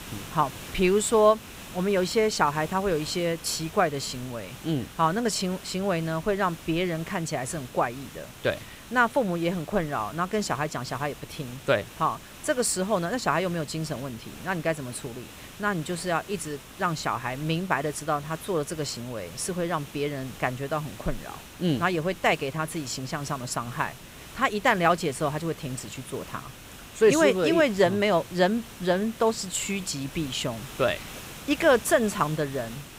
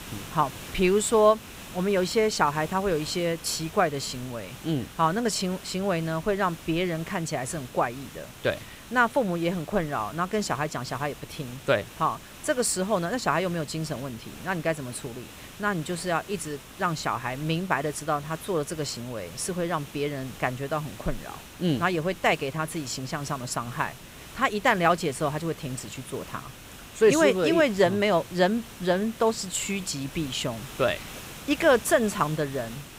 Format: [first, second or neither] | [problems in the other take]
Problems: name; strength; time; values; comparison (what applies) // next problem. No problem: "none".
neither | hiss; noticeable; throughout; 15 dB below the speech; the same in both